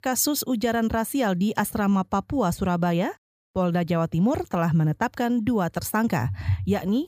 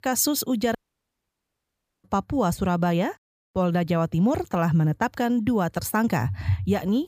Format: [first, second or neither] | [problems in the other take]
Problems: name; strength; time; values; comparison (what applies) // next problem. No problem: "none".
first | audio cutting out; at 1 s for 1.5 s